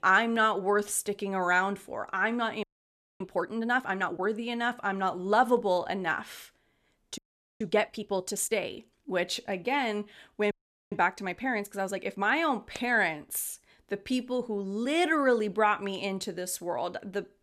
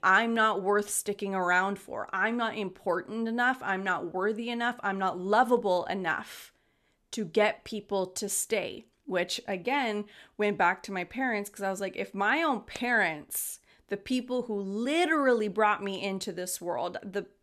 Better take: second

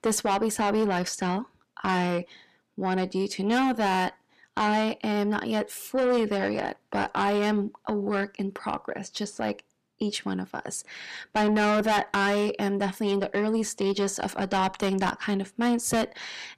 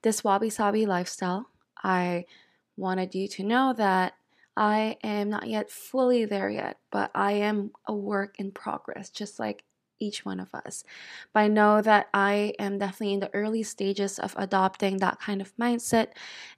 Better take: second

